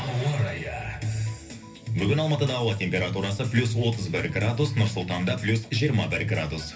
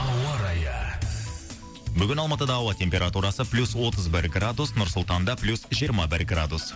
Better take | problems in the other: second | room echo; dies away in 0.3 s

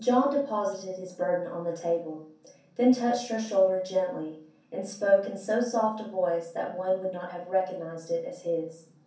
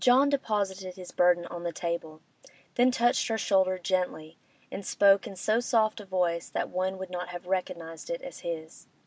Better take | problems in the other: second | room echo; dies away in 0.6 s

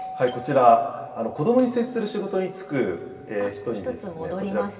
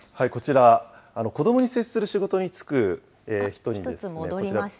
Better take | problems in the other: second | background sound (Doorbell); 18 dB below the speech // room echo; dies away in 2.1 s

